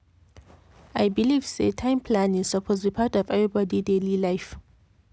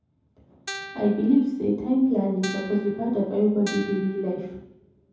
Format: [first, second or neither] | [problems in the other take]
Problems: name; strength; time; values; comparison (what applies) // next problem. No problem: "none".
first | background sound (Guitar); 14 dB below the speech // room echo; dies away in 0.9 s